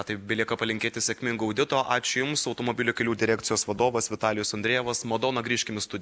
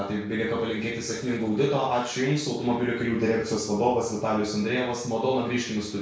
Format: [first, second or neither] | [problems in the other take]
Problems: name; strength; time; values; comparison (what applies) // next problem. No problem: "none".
first | noise reduction (neural separator model SepFormer DNS4)